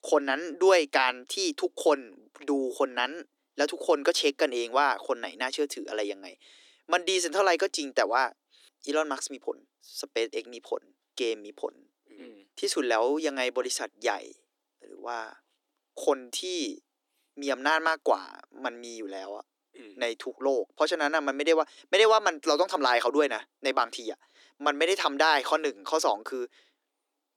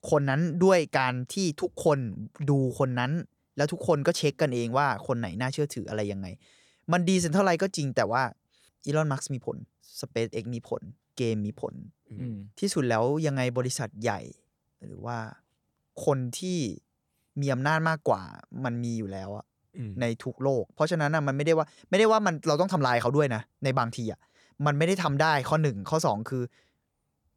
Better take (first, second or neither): second